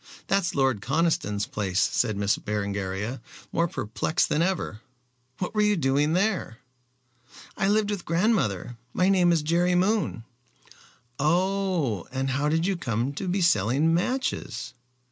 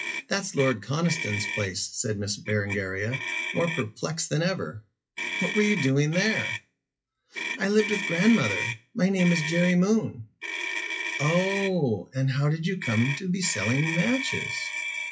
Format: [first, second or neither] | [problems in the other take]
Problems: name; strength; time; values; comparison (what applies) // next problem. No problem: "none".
first | noise reduction (classical method WPE with log-MMSE)